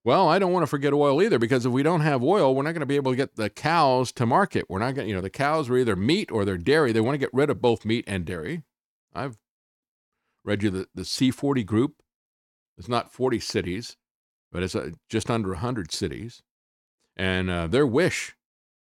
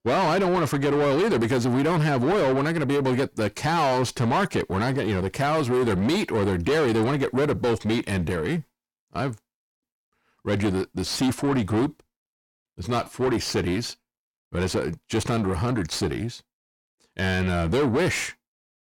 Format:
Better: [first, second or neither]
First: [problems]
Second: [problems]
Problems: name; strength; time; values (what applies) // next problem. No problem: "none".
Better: first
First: none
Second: distortion; heavy; 6 dB below the speech